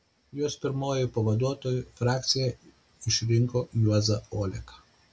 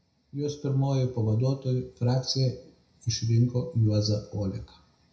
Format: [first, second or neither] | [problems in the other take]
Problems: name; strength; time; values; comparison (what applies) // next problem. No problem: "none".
first | room echo; dies away in 0.5 s